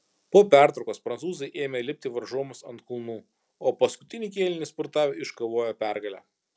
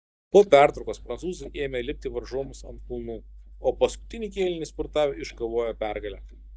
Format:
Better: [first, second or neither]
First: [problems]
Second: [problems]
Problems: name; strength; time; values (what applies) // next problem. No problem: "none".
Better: first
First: none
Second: noise reduction (neural mask model DeepFilterNet 3)